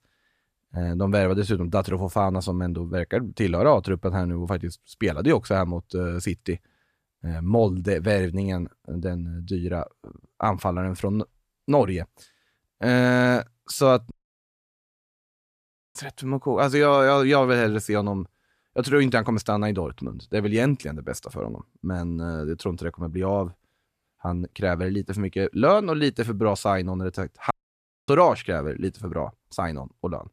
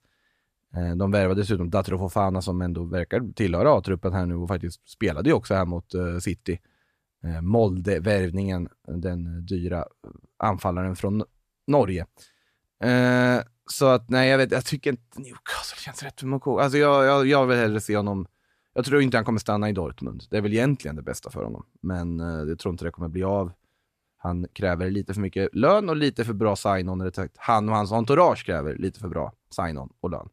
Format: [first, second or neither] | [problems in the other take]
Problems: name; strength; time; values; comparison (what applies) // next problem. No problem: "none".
second | audio cutting out; at 14 s for 2 s and at 28 s for 0.5 s